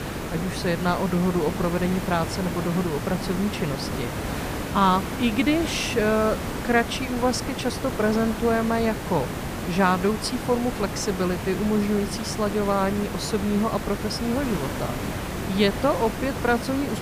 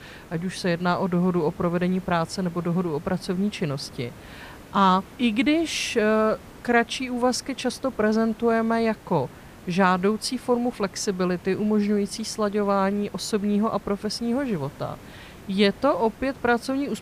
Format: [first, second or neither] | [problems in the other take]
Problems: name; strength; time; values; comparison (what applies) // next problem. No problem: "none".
second | hiss; loud; throughout; 6 dB below the speech; faint in the second